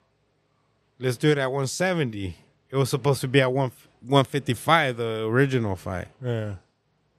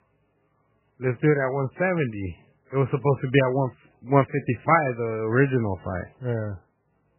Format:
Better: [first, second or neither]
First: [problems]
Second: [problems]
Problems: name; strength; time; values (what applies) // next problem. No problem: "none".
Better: first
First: none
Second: garbled, watery; badly; nothing above 2.5 kHz